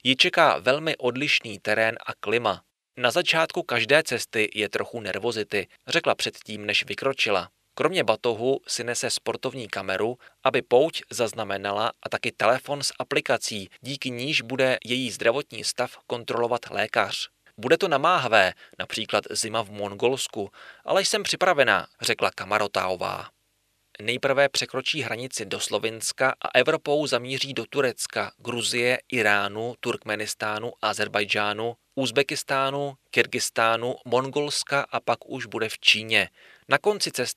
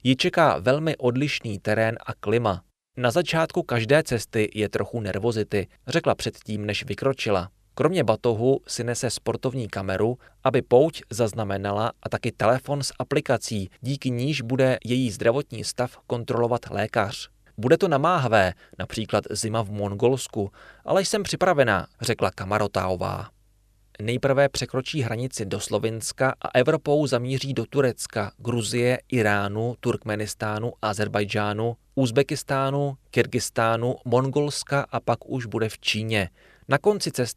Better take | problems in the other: second | thin; somewhat; fading below 1 kHz

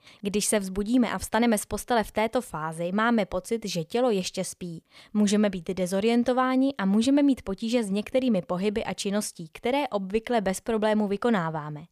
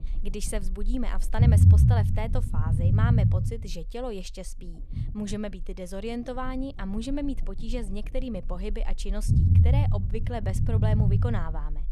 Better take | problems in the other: first | low rumble; loud; throughout; as loud as the speech

